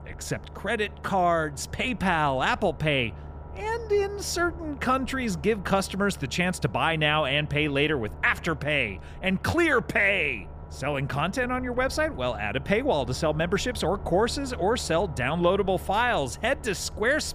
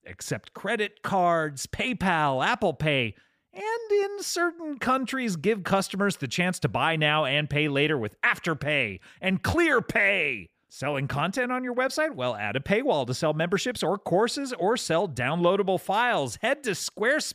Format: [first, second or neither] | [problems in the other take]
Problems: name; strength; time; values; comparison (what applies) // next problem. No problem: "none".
second | low rumble; faint; throughout; 20 dB below the speech